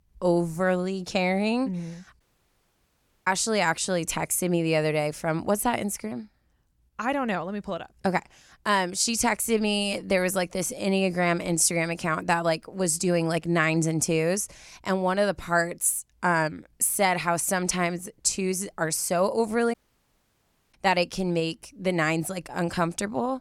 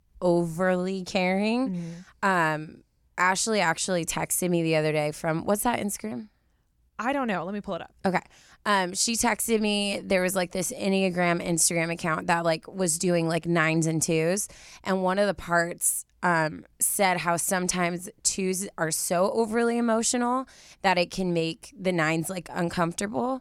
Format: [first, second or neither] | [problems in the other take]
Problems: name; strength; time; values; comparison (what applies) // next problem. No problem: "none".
second | audio cutting out; at 2 s for 1 s and at 20 s for 1 s